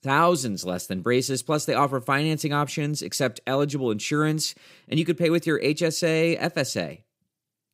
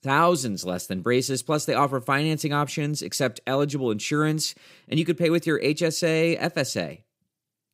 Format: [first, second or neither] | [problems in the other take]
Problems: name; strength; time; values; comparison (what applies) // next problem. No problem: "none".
neither | none